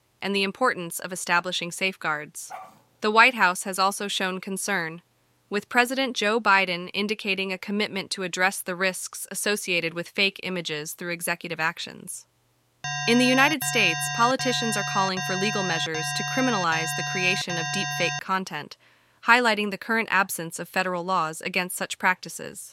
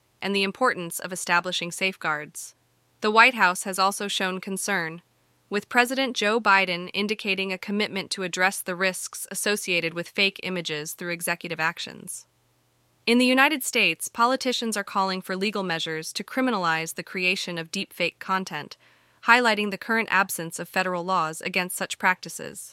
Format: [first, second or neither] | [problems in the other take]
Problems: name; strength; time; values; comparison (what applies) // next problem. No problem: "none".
second | dog barking; faint; at 2.5 s; peak 20 dB below the speech // alarm; noticeable; from 13 to 18 s; peak 3 dB below the speech